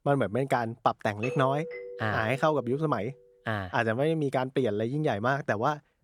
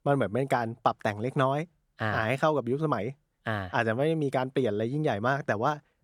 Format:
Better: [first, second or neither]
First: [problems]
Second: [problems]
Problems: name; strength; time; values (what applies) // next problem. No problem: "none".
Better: second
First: doorbell; noticeable; from 1 to 3 s; peak 7 dB below the speech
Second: none